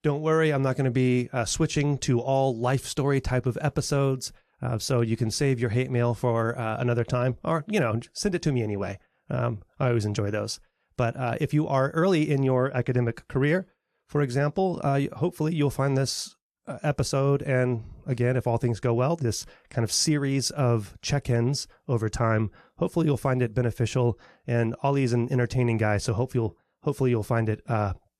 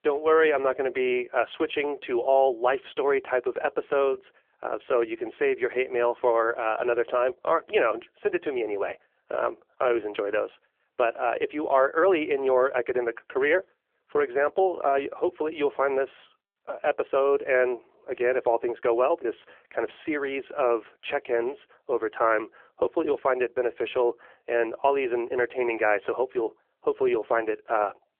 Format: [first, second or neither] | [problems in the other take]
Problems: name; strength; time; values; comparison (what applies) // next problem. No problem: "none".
first | phone-call audio